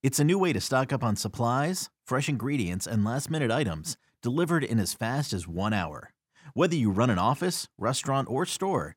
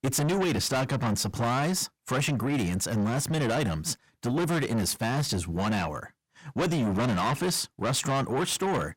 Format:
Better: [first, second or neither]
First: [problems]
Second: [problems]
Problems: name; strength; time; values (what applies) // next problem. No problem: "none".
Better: first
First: none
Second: distortion; heavy; 6 dB below the speech